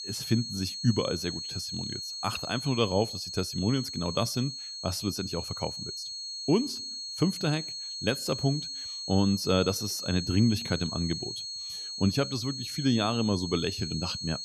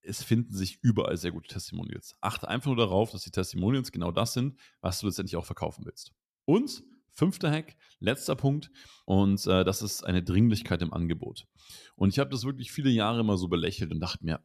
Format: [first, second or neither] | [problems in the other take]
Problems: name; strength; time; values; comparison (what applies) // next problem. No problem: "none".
second | high-pitched whine; loud; throughout; 4.5 kHz, 5 dB below the speech